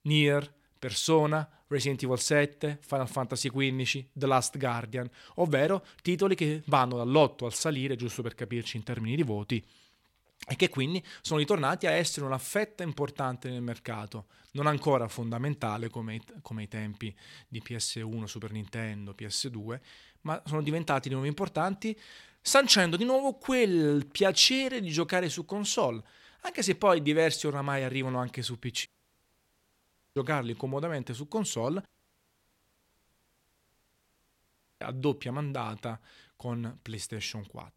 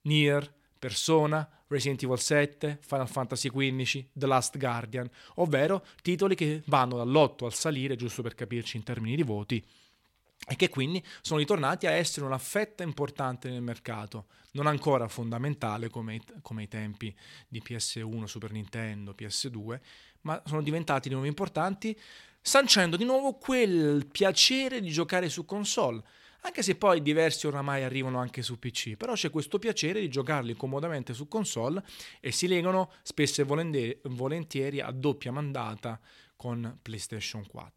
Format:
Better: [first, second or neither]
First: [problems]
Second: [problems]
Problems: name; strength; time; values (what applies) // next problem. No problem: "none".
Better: second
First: audio cutting out; at 29 s for 1.5 s and at 32 s for 3 s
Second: none